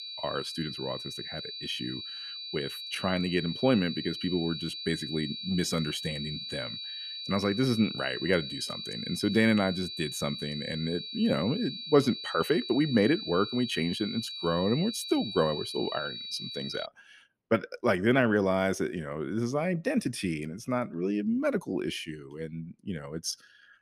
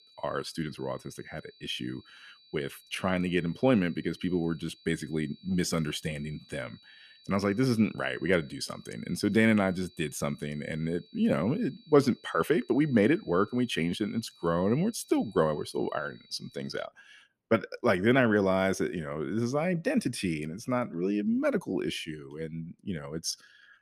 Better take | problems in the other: second | high-pitched whine; loud; until 17 s; 4 kHz, 7 dB below the speech; faint in the second

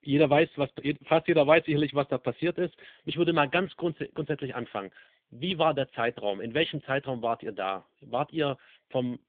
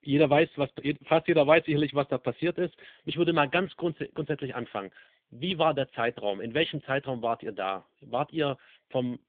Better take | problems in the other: neither | phone-call audio; poor line; the same in both

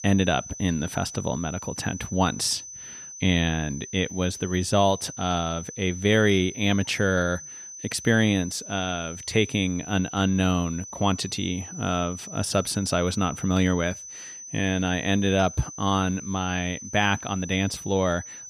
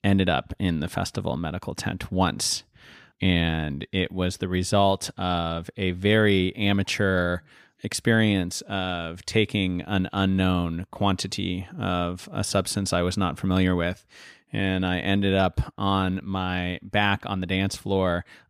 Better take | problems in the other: second | high-pitched whine; noticeable; throughout; 6 kHz, 10 dB below the speech

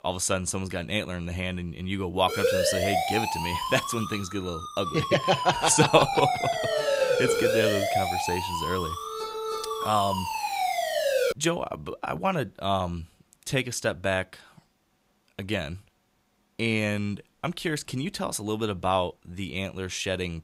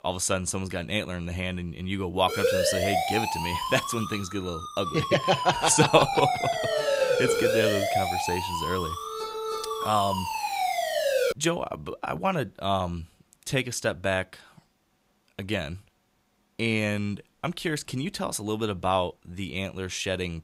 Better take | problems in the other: neither | siren; loud; from 2.5 to 11 s; peak 4 dB above the speech; the same in both

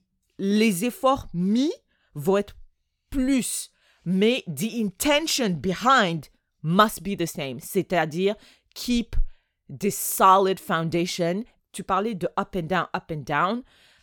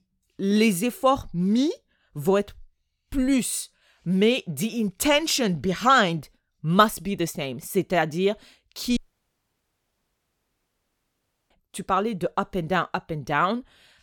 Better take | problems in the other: first | audio cutting out; at 9 s for 2.5 s

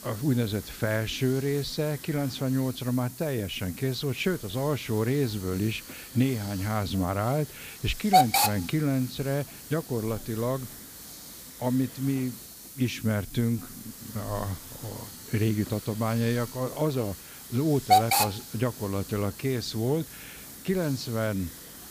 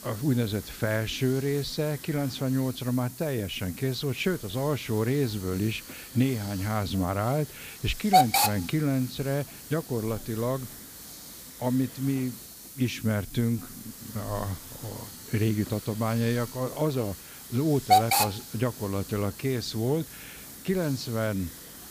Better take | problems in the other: neither | hiss; loud; throughout; 5 dB below the speech; the same in both

